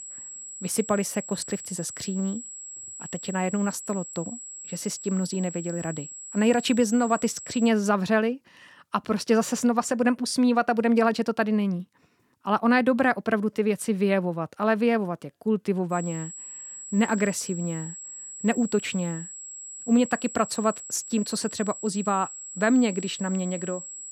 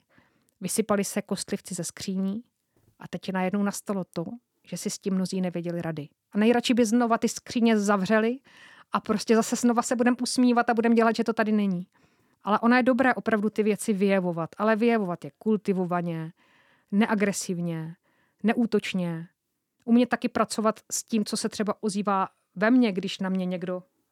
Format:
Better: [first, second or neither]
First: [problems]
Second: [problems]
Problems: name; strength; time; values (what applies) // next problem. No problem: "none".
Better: second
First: high-pitched whine; noticeable; until 7.5 s and from 16 s on; 7.5 kHz, 10 dB below the speech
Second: none